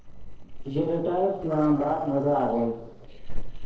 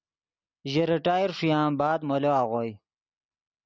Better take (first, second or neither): second